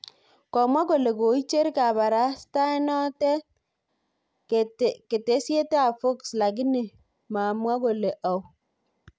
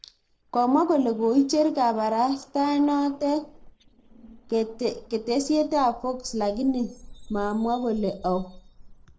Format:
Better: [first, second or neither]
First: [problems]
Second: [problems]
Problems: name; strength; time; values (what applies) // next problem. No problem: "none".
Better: first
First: none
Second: noise reduction (neural separator model SepFormer DNS4)